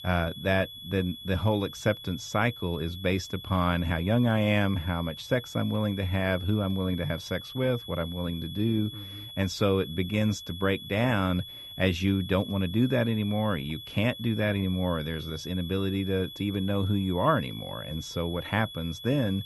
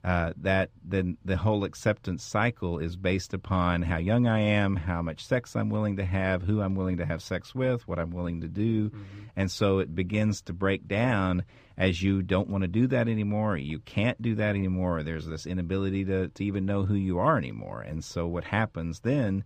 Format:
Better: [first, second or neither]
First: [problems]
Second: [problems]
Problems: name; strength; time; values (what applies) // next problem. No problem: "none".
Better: second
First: high-pitched whine; noticeable; throughout; 3.5 kHz, 10 dB below the speech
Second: none